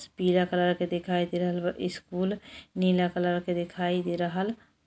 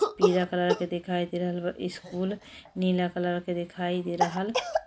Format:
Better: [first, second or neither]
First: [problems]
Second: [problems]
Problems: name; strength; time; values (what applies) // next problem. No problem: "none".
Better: first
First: none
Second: background sound (Cough); 3 dB below the speech